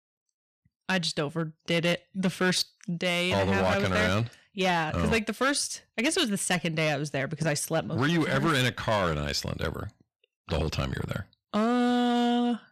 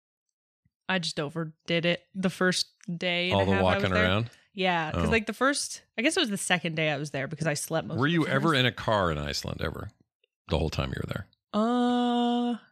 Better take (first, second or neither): second